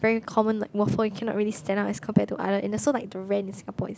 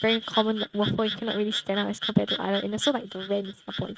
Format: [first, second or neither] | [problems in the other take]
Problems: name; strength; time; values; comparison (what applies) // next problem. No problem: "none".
first | noise reduction (neural mask model RNNoise)